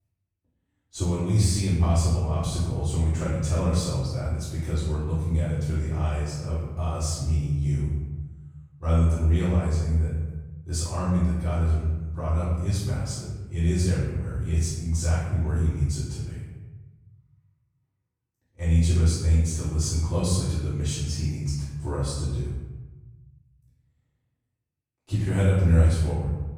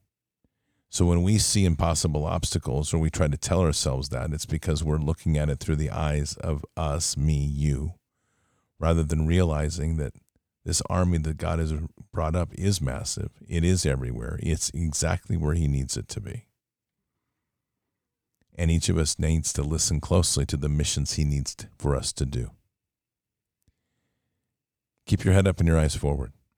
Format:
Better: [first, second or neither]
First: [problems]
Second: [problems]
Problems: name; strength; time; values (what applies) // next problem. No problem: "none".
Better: second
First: off-mic speech; far // room echo; strong; dies away in 1.1 s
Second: none